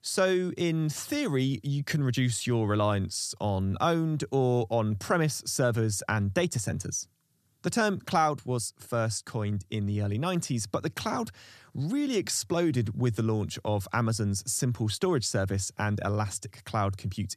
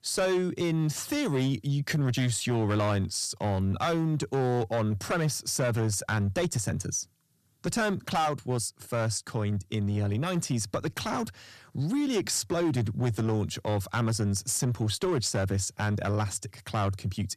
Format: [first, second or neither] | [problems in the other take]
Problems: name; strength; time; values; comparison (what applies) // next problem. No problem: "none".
first | distortion; slight; 10% of the sound clipped